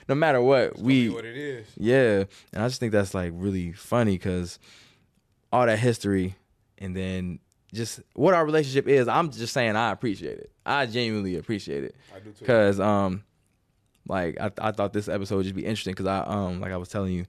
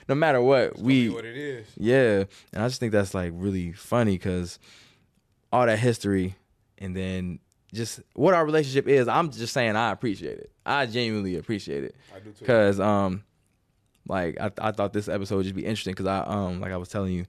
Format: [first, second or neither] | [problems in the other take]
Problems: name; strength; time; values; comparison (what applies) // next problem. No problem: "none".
neither | none